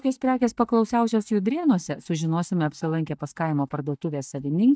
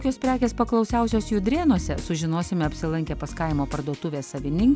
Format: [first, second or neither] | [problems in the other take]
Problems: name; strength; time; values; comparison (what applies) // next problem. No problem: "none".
second | noise reduction (neural mask model DeepFilterNet 3)